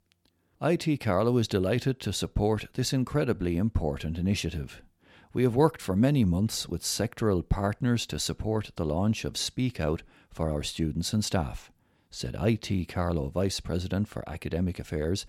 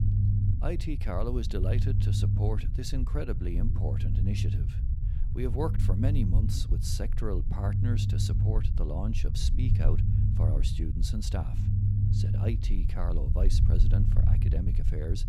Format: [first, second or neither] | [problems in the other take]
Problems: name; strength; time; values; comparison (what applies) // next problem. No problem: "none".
first | low rumble; loud; throughout; 3 dB below the speech